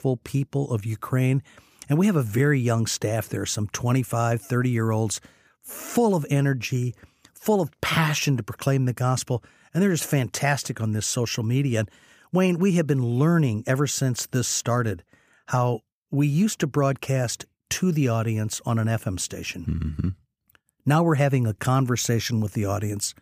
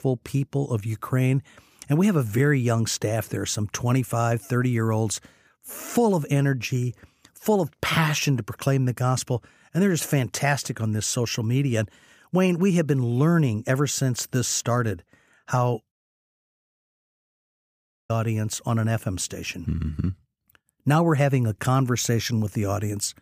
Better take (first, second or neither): first